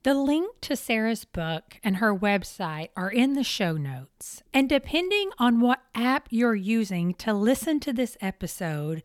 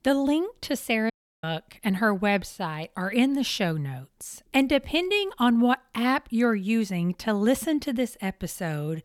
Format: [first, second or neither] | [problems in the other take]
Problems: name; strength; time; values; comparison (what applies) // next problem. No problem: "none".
first | audio cutting out; at 1 s